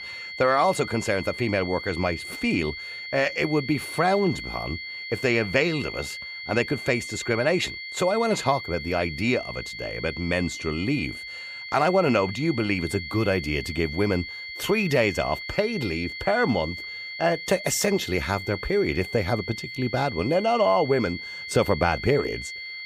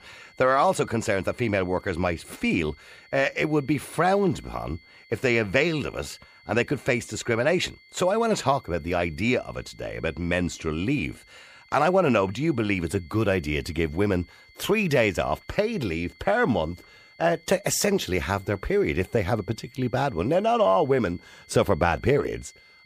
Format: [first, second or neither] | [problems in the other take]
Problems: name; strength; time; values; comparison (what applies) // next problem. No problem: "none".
second | high-pitched whine; loud; throughout; 2 kHz, 9 dB below the speech; faint in the second